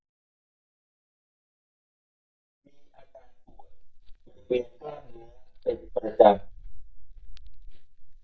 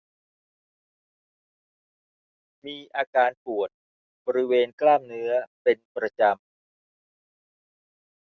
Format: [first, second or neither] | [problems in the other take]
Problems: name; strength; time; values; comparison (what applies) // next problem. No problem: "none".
second | noise reduction (neural mask model DeepFilterNet 3)